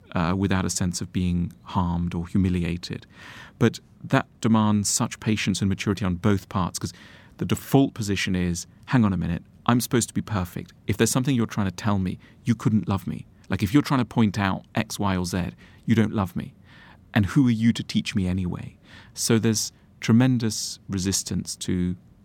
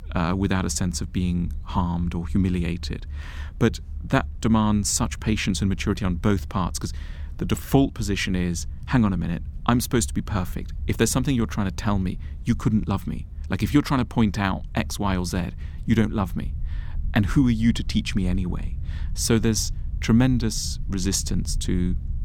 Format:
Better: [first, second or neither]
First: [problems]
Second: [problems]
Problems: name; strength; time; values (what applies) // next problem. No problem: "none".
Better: first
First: none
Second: low rumble; faint; throughout; 25 dB below the speech